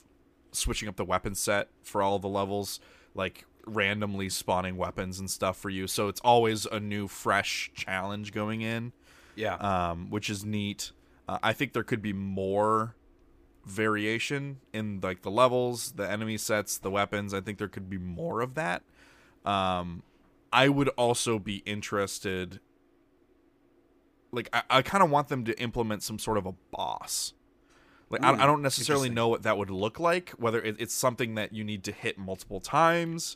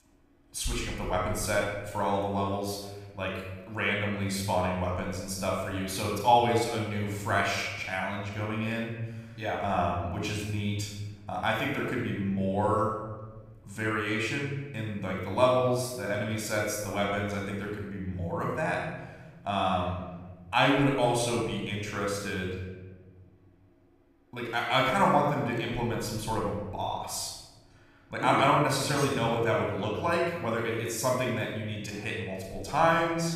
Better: first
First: none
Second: off-mic speech; somewhat distant // room echo; noticeable; dies away in 1.4 s

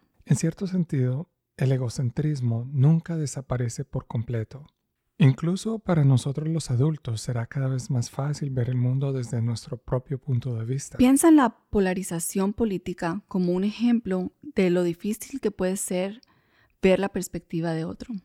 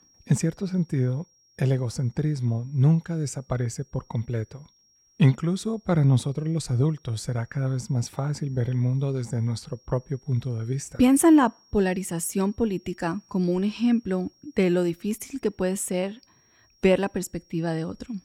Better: first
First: none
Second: high-pitched whine; faint; throughout; 5.5 kHz, 35 dB below the speech

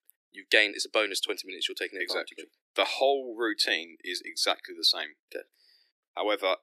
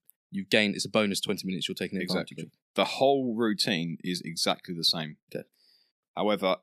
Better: second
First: thin; very; fading below 300 Hz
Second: none

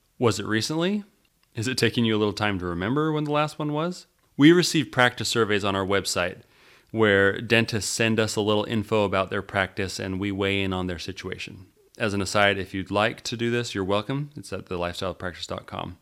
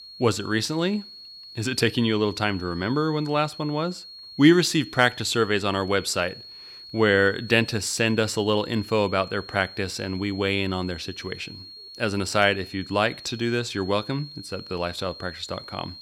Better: first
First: none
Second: high-pitched whine; noticeable; throughout; 4.5 kHz, 15 dB below the speech

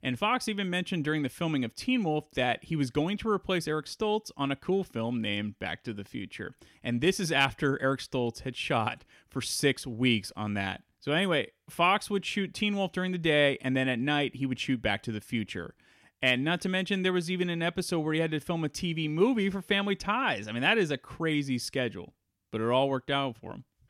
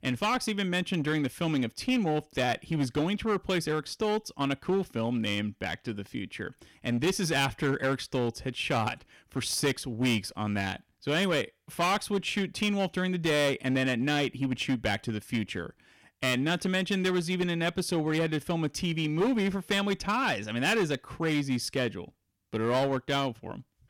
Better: first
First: none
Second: distortion; slight; 8% of the sound clipped

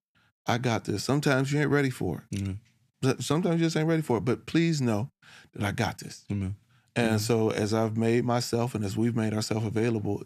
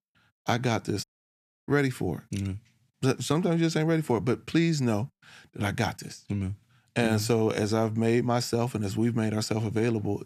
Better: first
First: none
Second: audio cutting out; at 1 s for 0.5 s

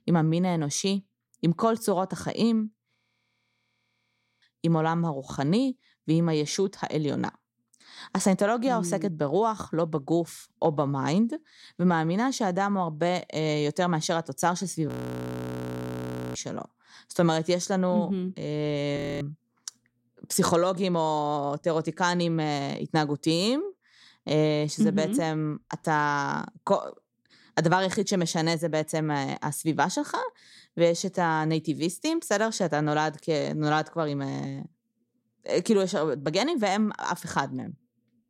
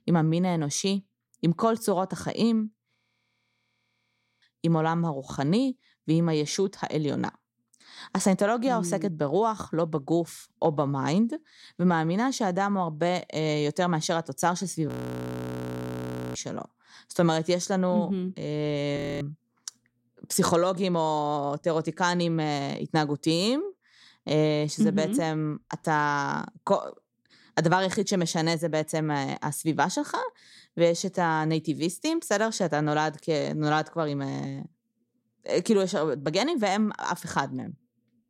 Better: neither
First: audio freezing; at 3 s for 1.5 s, at 15 s for 1.5 s and at 19 s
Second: audio freezing; at 3 s for 1.5 s, at 15 s for 1.5 s and at 19 s

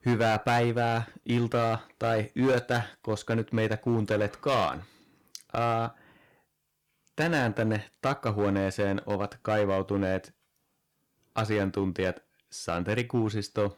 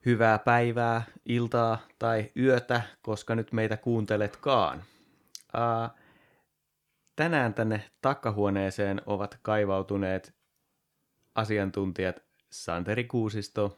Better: second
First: distortion; slight; 6% of the sound clipped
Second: none

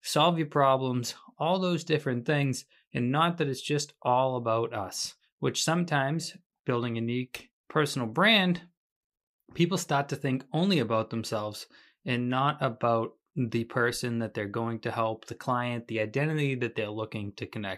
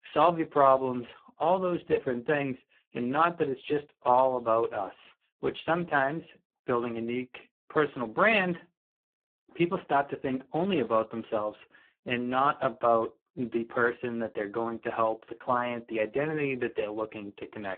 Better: first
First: none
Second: phone-call audio; poor line

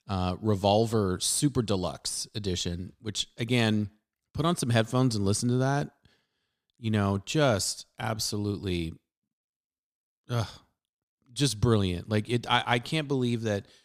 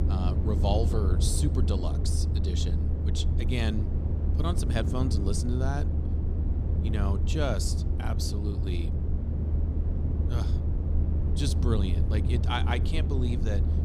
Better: first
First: none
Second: low rumble; loud; throughout; 6 dB below the speech

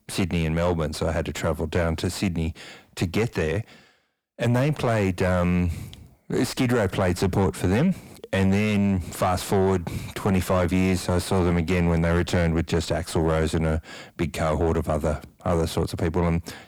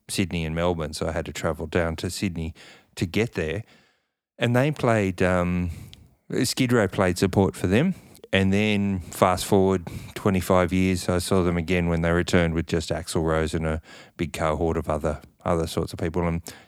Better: second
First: distortion; heavy; 7 dB below the speech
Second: none

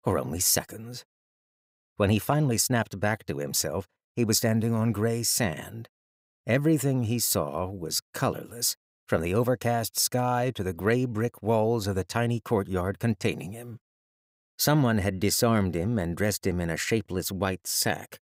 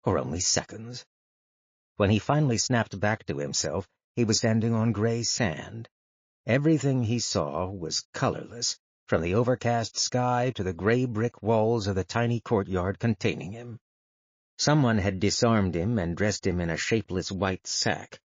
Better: first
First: none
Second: garbled, watery; slightly

